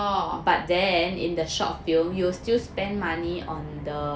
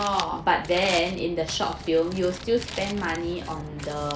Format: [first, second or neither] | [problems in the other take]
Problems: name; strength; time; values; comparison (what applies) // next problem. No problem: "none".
first | background sound (Crumpling, crinkling); 13 dB below the speech